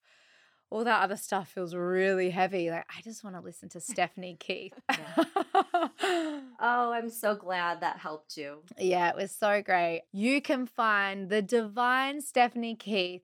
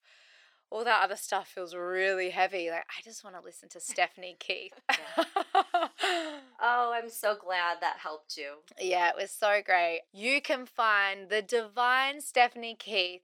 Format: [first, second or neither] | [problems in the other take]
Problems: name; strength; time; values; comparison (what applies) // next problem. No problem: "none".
first | thin; somewhat; fading below 500 Hz